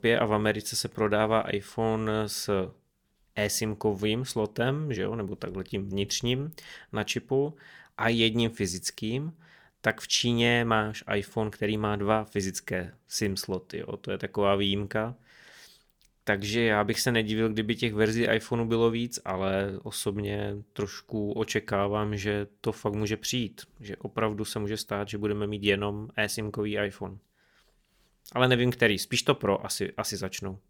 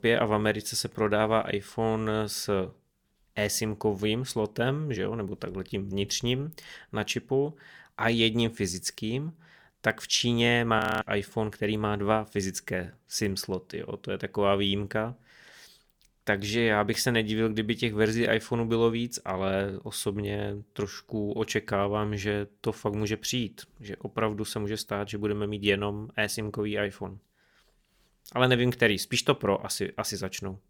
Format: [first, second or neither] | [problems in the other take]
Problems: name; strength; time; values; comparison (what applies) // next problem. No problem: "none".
first | audio freezing; at 11 s